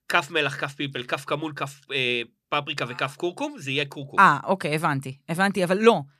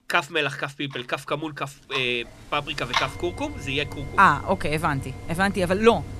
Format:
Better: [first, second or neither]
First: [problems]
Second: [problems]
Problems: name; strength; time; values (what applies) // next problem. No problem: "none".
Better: first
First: none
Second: household noises; loud; throughout; 10 dB below the speech